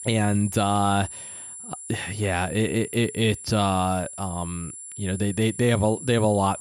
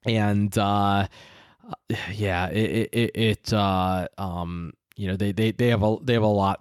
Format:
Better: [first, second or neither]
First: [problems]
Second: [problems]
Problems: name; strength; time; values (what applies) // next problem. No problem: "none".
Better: second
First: high-pitched whine; noticeable; throughout; 10.5 kHz, 10 dB below the speech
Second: none